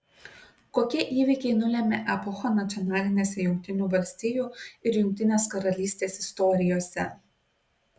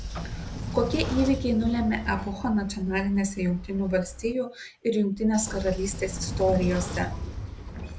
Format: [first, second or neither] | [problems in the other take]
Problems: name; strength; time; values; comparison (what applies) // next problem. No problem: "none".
first | background sound (Sliding door / Train); 7 dB below the speech